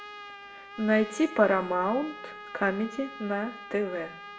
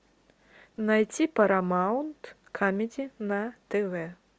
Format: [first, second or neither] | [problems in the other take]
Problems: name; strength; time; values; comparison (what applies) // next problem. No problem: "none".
second | background sound (Trumpet); 14 dB below the speech // room echo; dies away in 0.5 s